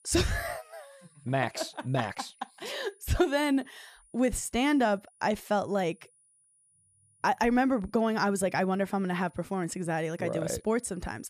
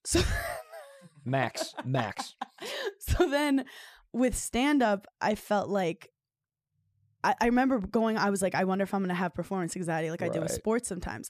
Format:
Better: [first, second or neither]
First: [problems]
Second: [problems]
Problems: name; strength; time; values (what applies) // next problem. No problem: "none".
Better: second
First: high-pitched whine; faint; throughout; 9.5 kHz, 30 dB below the speech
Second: none